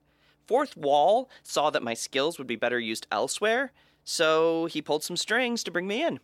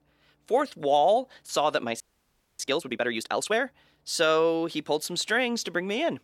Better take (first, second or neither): first